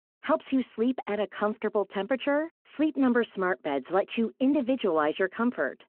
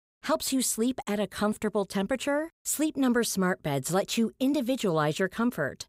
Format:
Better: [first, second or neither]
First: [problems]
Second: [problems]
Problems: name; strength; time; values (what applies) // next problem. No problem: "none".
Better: second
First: phone-call audio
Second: none